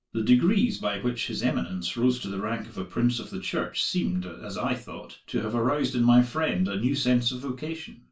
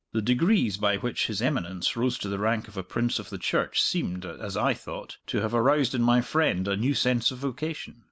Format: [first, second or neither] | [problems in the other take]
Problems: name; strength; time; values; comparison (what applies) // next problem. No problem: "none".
second | room echo; dies away in 0.2 s